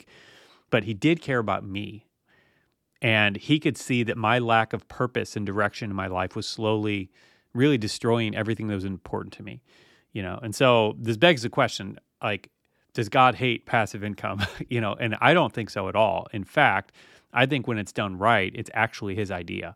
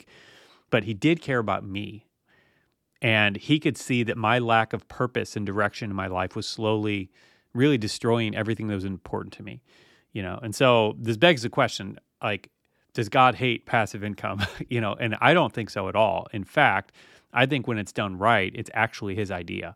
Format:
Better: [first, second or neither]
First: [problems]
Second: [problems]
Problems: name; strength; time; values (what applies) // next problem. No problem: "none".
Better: neither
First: none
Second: none